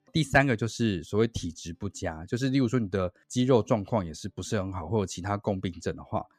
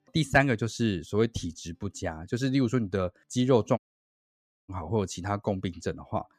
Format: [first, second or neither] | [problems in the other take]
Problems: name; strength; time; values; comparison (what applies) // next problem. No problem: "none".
first | audio cutting out; at 4 s for 1 s